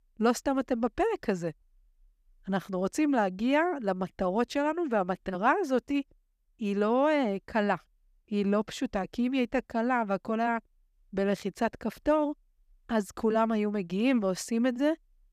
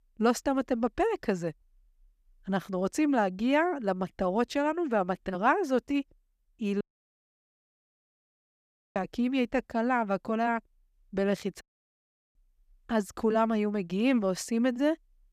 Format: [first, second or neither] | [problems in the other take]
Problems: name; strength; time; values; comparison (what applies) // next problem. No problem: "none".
first | audio cutting out; at 7 s for 2 s and at 12 s for 0.5 s